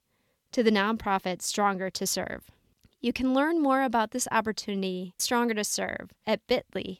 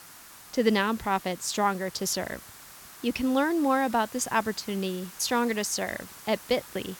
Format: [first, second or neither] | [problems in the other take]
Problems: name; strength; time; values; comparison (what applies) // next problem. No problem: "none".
first | hiss; noticeable; throughout; 15 dB below the speech